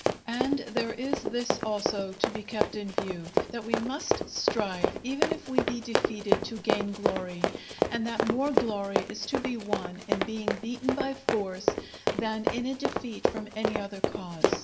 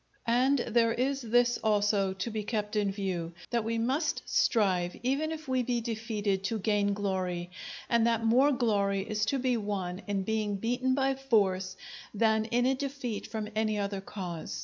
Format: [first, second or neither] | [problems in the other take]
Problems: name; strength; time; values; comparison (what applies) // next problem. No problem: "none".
second | background sound (Run); 3 dB above the speech // room echo; dies away in 0.3 s